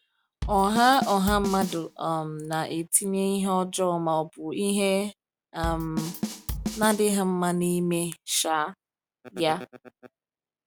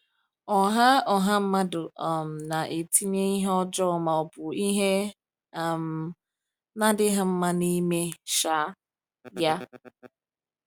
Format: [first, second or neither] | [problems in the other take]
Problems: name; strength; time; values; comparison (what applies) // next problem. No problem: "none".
second | background sound (Drum kit); 8 dB below the speech